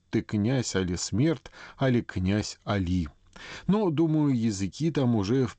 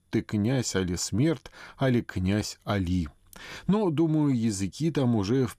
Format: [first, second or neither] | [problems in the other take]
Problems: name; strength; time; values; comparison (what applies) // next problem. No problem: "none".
second | garbled, watery; slightly; nothing above 7.5 kHz